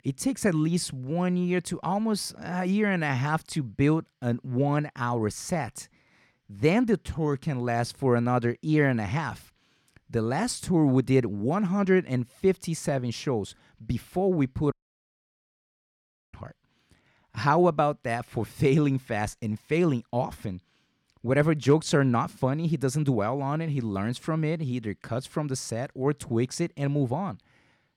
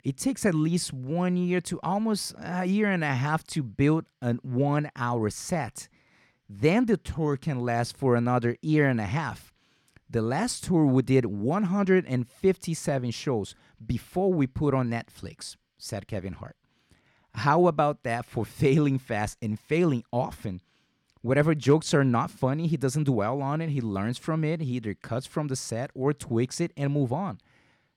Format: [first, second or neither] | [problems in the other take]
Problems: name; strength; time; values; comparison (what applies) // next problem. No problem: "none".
second | audio cutting out; at 15 s for 1.5 s